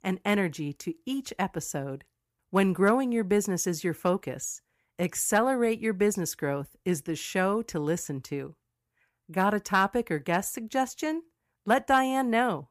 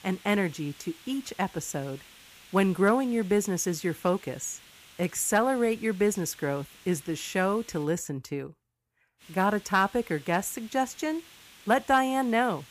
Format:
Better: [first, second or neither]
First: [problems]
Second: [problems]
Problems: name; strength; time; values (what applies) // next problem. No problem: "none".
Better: first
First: none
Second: hiss; faint; until 8 s and from 9 s on; 20 dB below the speech